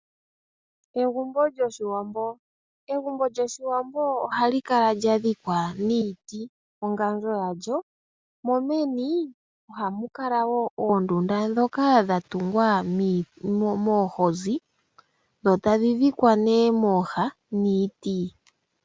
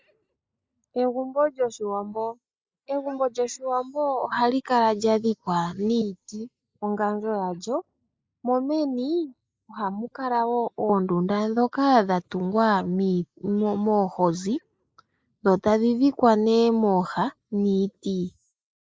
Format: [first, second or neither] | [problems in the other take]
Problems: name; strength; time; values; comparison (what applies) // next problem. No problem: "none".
first | noise reduction (neural mask model Resemble Enhance denoiser)